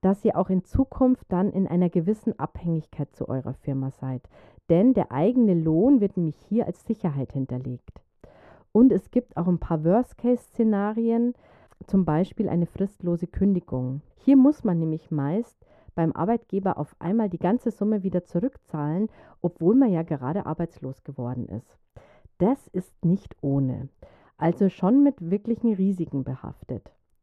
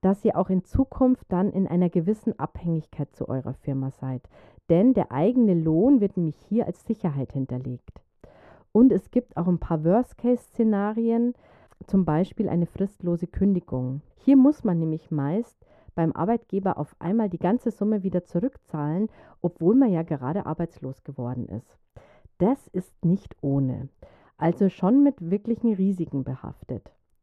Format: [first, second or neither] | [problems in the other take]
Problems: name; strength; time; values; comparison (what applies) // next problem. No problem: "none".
neither | muffled; very; fading above 1.5 kHz; the same in both